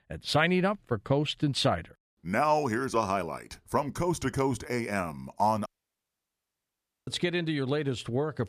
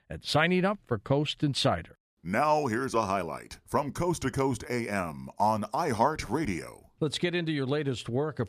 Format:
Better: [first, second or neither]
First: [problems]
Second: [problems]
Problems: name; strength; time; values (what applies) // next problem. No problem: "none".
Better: second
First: audio cutting out; at 5.5 s for 1.5 s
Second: none